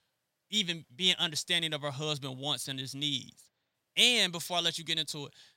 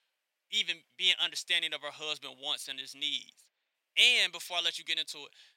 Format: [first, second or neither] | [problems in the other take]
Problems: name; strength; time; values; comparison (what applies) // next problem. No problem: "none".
first | thin; very; fading below 450 Hz